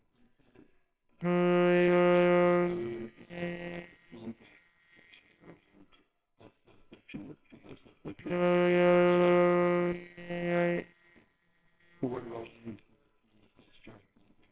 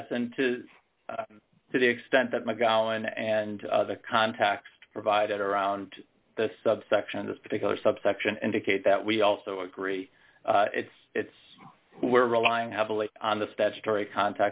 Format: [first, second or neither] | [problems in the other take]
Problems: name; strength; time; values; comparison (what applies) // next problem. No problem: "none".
second | noise reduction (neural separator model SepFormer WHAMR!)